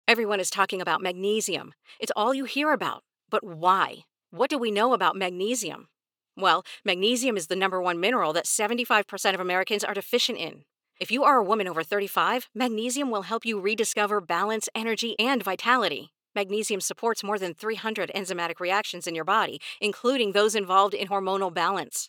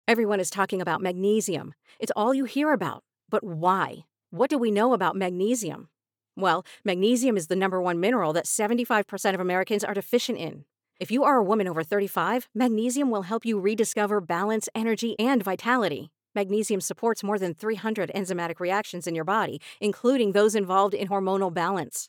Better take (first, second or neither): second